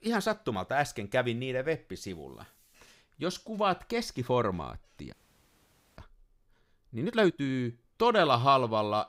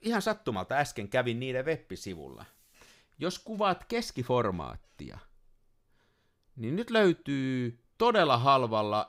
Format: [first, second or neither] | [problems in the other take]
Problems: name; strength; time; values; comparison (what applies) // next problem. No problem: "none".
second | audio freezing; at 5 s for 1 s